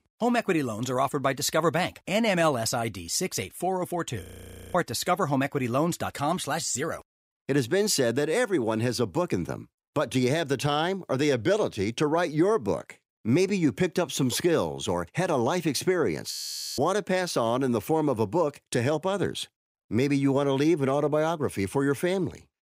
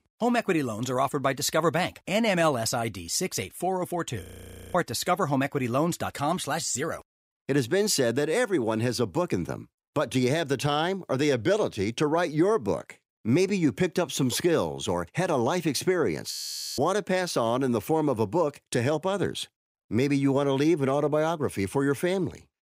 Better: neither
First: audio freezing; at 4 s for 0.5 s and at 16 s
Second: audio freezing; at 4 s for 0.5 s and at 16 s

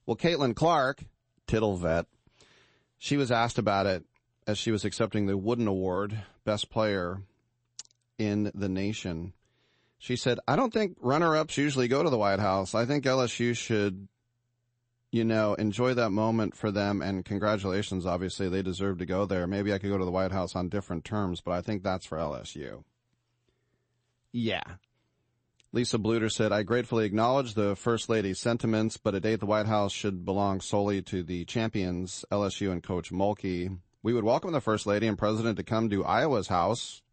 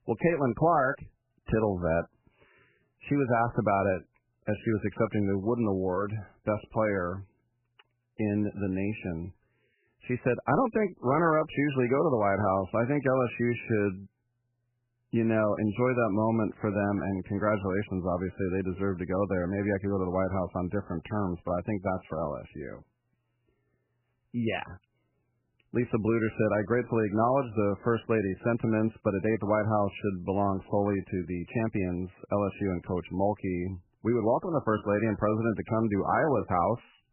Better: first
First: garbled, watery; slightly; nothing above 8 kHz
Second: garbled, watery; badly; nothing above 3 kHz

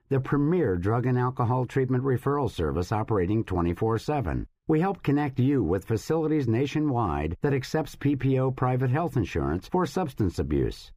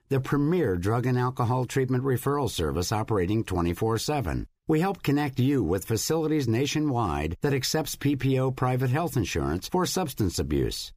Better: second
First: muffled; slightly; fading above 3 kHz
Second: none

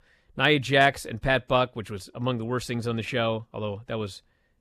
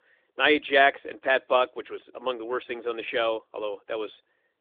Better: first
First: none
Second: phone-call audio; nothing above 3.5 kHz

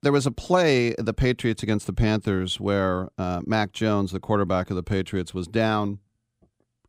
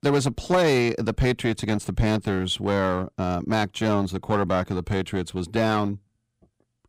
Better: first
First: none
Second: distortion; slight; 7% of the sound clipped

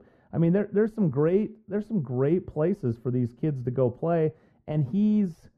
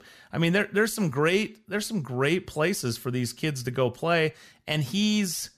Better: second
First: muffled; very; fading above 1.5 kHz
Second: none

